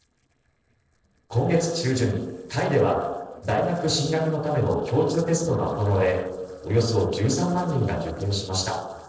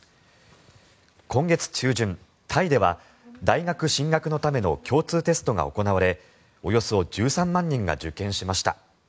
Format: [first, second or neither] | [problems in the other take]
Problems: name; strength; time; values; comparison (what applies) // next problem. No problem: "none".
second | noise reduction (neural separator model SepFormer DNS4)